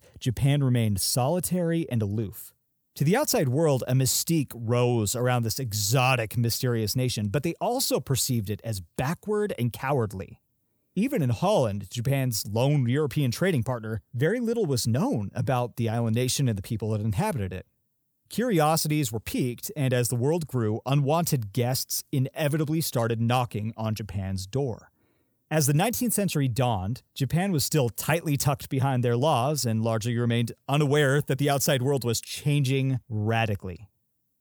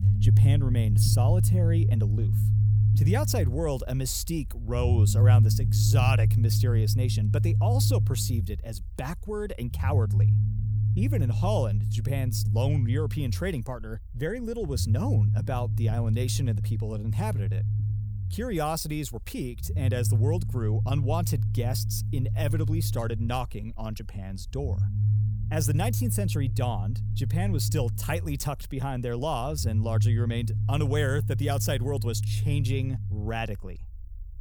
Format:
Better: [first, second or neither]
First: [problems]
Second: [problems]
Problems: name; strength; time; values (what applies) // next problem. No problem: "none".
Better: first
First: none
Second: low rumble; loud; throughout; 6 dB below the speech